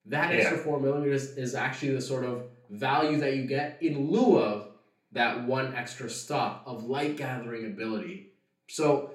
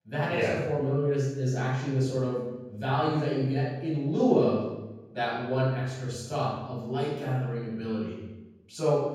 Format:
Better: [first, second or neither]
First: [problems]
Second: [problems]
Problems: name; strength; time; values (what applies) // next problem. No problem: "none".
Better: first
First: room echo; slight; dies away in 0.4 s // off-mic speech; far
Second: room echo; strong; dies away in 1.3 s // off-mic speech; far